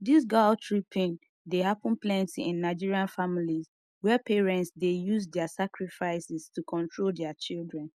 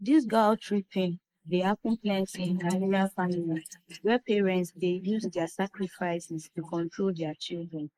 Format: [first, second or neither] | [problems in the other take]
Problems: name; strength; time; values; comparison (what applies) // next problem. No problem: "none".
first | noise reduction (neural mask model Resemble Enhance denoiser)